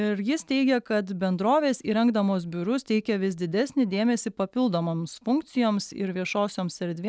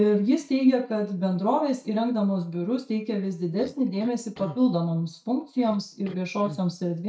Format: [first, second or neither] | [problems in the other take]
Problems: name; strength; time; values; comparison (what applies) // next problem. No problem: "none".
first | noise reduction (neural mask model DeepFilterNet 3)